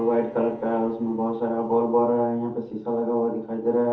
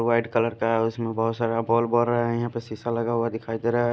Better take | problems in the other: second | noise reduction (neural separator model SepFormer DNS4)

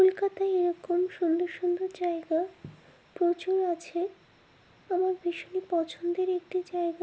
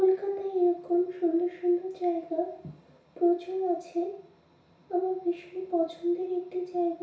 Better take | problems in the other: first | room echo; dies away in 0.6 s

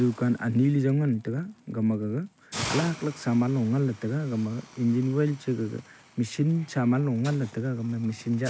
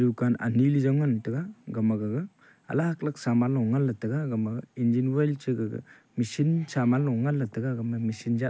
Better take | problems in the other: second | background sound (Hiss); 17 dB below the speech

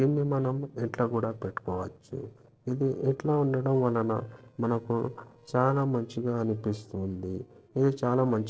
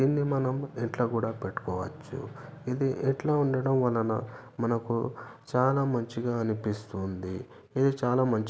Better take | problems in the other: second | noise reduction (neural separator model SepFormer DNS4)

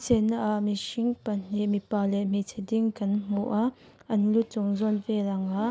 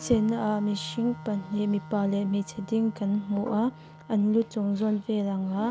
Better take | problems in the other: first | background sound (Organ + Marimba, xylophone); 17 dB below the speech

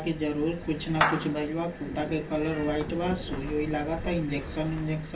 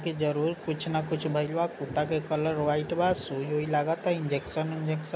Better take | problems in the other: second | background sound (Meow / Clapping); 7 dB below the speech // room echo; dies away in 0.2 s

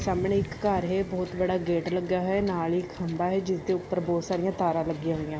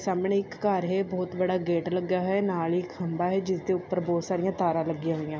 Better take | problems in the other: second | background sound (Wind / Ocean / Boat, Water vehicle); 13 dB below the speech

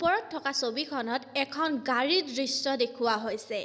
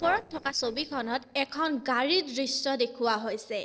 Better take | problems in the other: first | noise reduction (neural separator model SepFormer DNS4)

